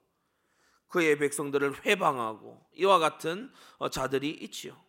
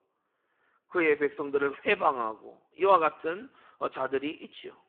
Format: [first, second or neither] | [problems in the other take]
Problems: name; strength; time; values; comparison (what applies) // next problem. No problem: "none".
first | phone-call audio; poor line